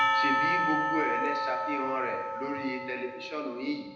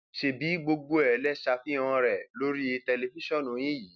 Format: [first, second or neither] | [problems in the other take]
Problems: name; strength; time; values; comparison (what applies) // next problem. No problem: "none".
second | background sound (Percussion); 4 dB above the speech // room echo; dies away in 0.9 s